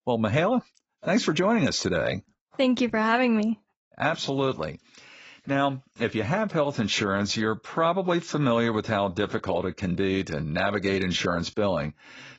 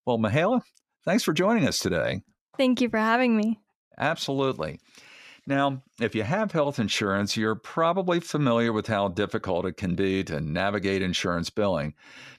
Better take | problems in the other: second | garbled, watery; badly; nothing above 7.5 kHz

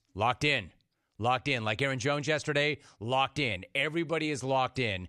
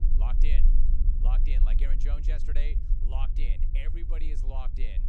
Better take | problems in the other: first | low rumble; loud; throughout; 7 dB below the speech

